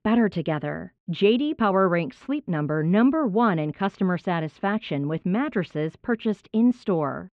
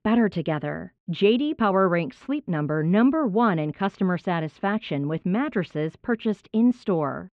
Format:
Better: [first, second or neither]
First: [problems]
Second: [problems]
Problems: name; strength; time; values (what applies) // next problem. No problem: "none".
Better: neither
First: muffled; very; fading above 3 kHz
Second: muffled; very; fading above 3 kHz